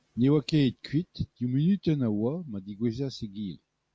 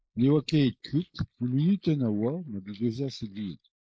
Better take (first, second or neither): first